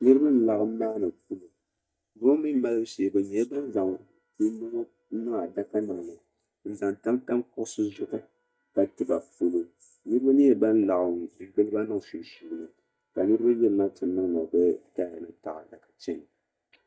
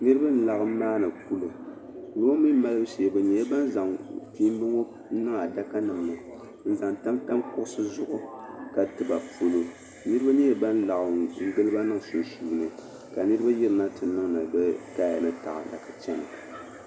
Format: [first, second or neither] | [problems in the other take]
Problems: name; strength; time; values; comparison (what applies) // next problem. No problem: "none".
second | noise reduction (neural mask model DeepFilterNet 3)